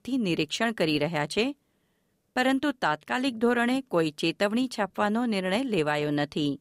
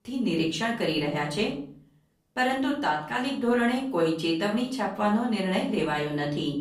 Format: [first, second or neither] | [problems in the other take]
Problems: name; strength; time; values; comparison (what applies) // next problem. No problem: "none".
first | off-mic speech; far // room echo; slight; dies away in 0.5 s